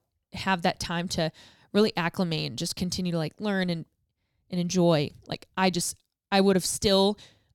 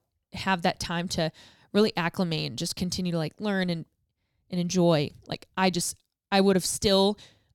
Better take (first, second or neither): neither